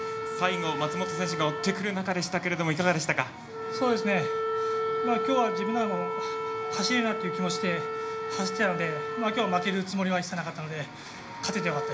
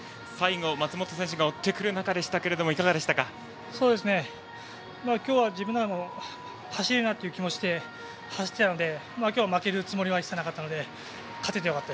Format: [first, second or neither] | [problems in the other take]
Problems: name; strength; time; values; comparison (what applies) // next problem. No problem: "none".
second | background sound (Wind instrument, woodwind instrument); 3 dB below the speech // room echo; dies away in 0.4 s